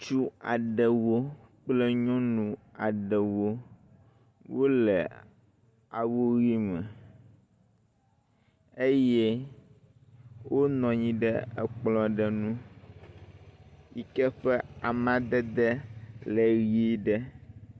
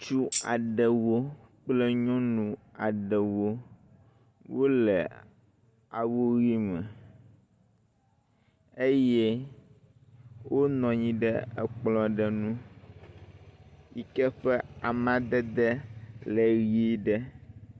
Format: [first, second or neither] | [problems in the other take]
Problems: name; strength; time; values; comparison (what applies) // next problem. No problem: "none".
first | background sound (Tambourine); 8 dB below the speech